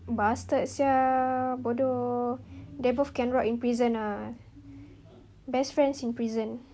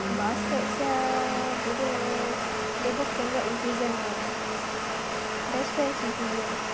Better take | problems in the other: first | background sound (Domestic sounds, home sounds); 2 dB above the speech

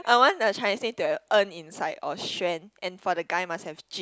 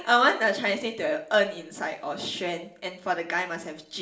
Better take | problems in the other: first | room echo; dies away in 0.5 s

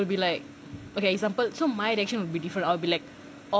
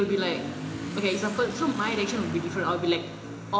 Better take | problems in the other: first | background sound (Motorcycle / Accelerating, revving, vroom); 8 dB below the speech // room echo; dies away in 0.8 s

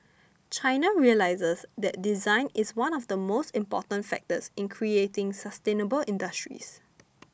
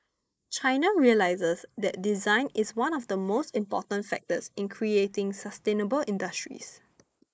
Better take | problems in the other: first | noise reduction (neural mask model Resemble Enhance denoiser)

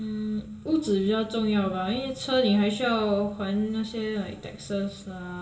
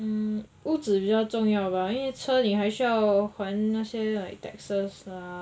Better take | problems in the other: second | room echo; dies away in 1.4 s

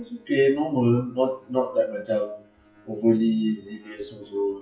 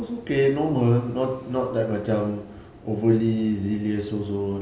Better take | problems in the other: second | noise reduction (classical method WPE with log-MMSE)

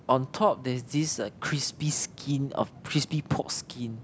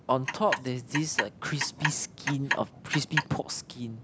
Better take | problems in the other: first | background sound (Clock); 3 dB below the speech

